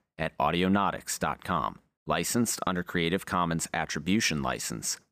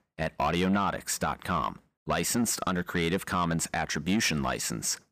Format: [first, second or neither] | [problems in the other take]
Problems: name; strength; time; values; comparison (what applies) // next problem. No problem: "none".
first | distortion; slight; 10 dB below the speech